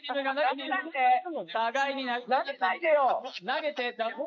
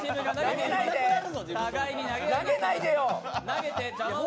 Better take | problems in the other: second | noise reduction (neural mask model Resemble Enhance denoiser)

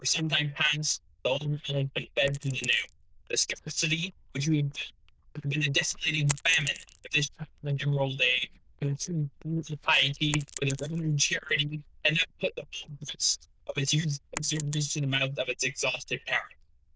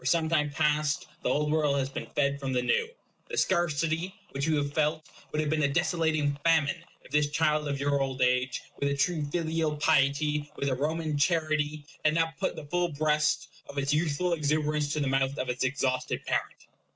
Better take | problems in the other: second | noise reduction (neural diffusion model UNIVERSE++)

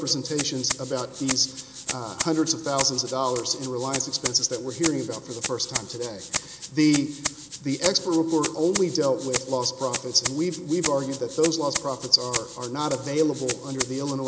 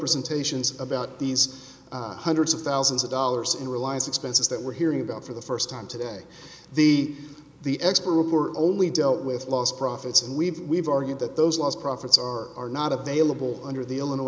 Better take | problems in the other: second | background sound (Rattle (instrument)); 7 dB below the speech

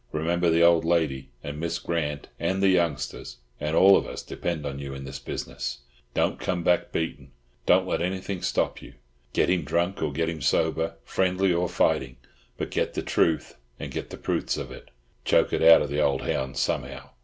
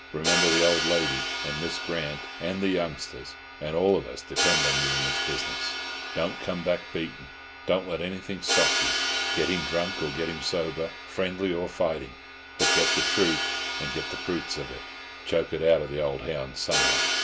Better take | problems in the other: first | background sound (Crash cymbal); as loud as the speech

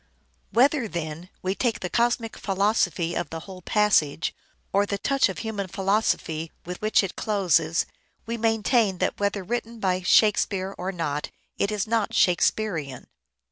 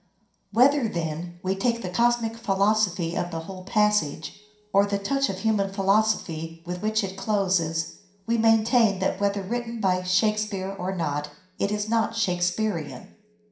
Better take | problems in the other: first | room echo; dies away in 0.5 s

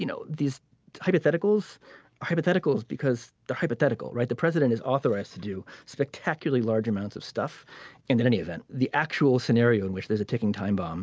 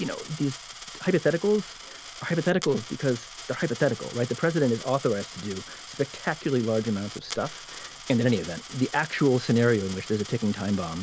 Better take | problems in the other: first | background sound (Coin (dropping)); 15 dB below the speech

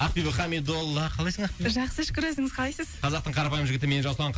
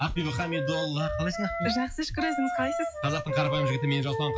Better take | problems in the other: first | noise reduction (classical method log-MMSE)

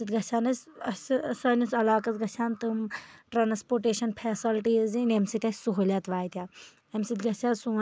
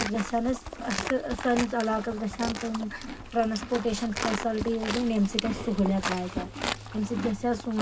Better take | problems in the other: first | background sound (Livestock, farm animals, working animals); 6 dB below the speech // room echo; dies away in 0.4 s

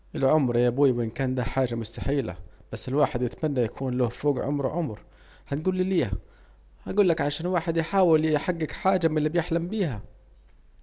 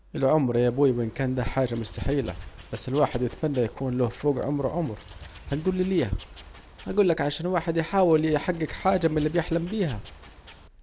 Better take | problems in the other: first | background sound (Wild animals); 19 dB below the speech

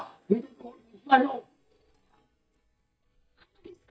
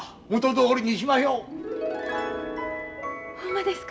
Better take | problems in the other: second | noise reduction (neural mask model DeepFilterNet 3)

